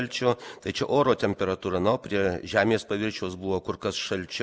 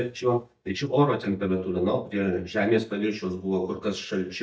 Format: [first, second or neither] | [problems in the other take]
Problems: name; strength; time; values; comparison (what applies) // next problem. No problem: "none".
first | noise reduction (neural mask model DeepFilterNet 3)